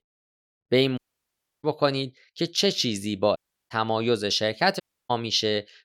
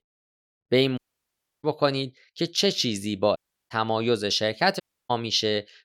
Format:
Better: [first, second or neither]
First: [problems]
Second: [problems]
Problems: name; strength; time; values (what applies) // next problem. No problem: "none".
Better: neither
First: audio cutting out; at 1 s for 0.5 s, at 3.5 s and at 5 s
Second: audio cutting out; at 1 s for 0.5 s, at 3.5 s and at 5 s